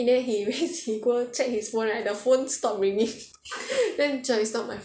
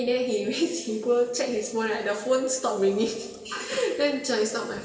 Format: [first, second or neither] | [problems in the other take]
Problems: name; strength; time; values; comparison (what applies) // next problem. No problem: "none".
first | room echo; dies away in 2.6 s